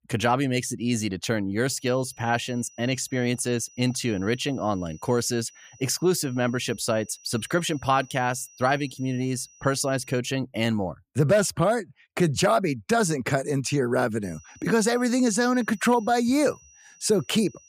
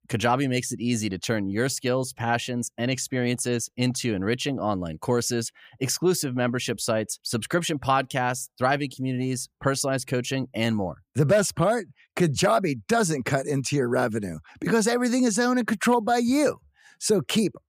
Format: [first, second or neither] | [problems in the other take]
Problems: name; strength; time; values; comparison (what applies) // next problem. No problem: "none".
second | high-pitched whine; faint; from 1.5 to 10 s and from 14 s on; 6 kHz, 25 dB below the speech